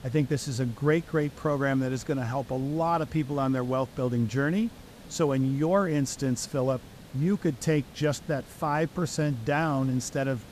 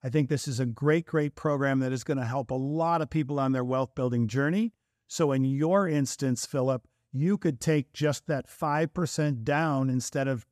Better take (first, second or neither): second